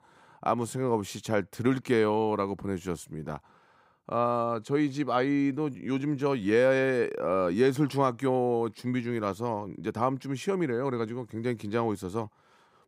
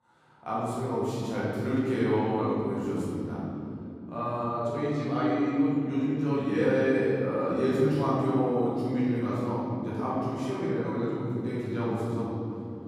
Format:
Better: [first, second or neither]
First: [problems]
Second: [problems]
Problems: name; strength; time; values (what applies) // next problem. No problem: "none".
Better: first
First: none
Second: room echo; strong; dies away in 3 s // off-mic speech; far